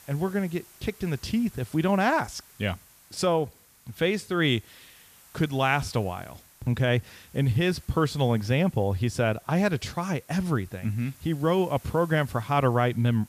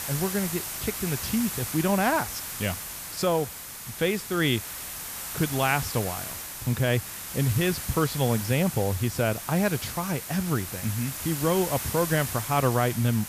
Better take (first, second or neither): first